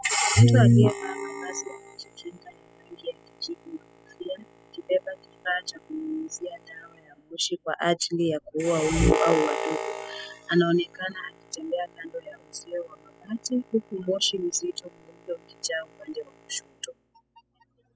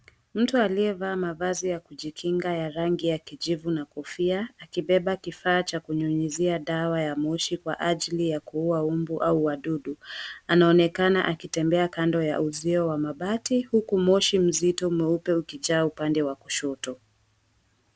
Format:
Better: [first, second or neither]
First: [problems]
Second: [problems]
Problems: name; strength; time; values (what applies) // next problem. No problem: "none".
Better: second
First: noise reduction (classical method spectral subtraction)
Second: none